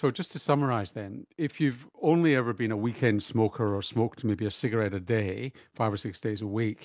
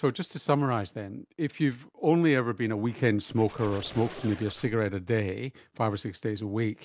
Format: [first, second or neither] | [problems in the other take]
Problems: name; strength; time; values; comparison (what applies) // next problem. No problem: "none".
first | background sound (Squeak); 18 dB below the speech